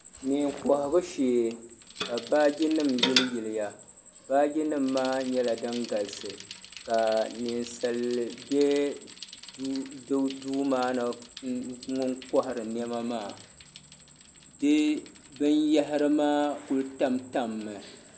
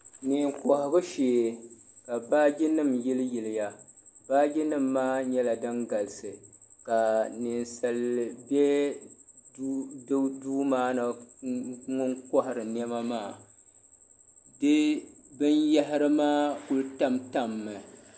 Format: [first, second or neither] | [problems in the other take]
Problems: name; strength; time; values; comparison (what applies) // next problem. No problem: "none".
second | background sound (Bicycle); 13 dB below the speech